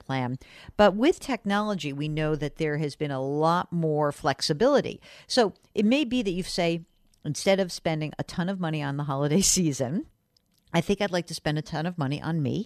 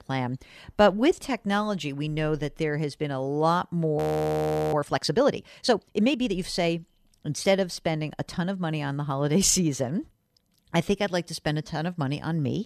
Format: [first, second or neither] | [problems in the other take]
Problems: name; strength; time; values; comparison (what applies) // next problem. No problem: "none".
first | audio freezing; at 4 s for 1 s